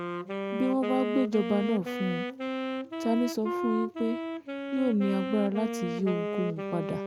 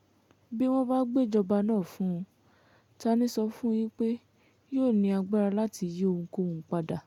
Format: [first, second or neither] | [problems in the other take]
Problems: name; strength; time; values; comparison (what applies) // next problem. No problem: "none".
second | background sound (Wind instrument, woodwind instrument); 3 dB below the speech